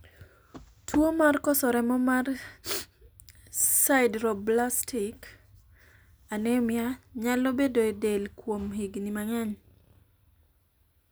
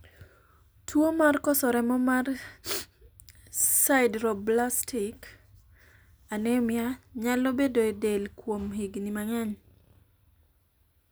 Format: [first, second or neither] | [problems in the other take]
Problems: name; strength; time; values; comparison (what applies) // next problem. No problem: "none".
second | background sound (Walk, footsteps); 13 dB below the speech